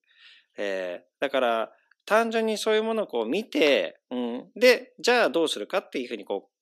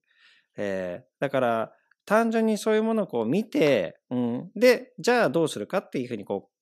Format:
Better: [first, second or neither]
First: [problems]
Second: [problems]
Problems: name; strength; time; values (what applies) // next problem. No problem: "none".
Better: second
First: thin; very slightly; fading below 250 Hz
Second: none